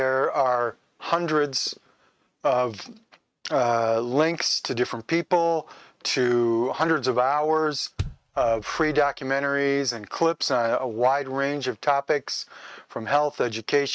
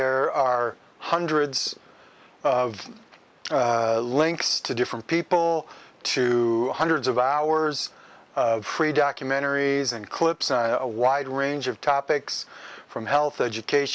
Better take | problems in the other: second | noise reduction (neural mask model RNNoise)

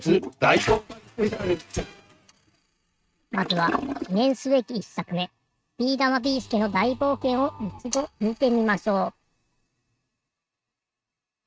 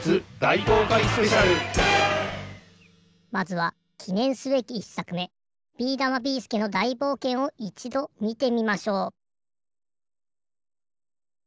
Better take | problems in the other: second | noise reduction (neural mask model RNNoise)

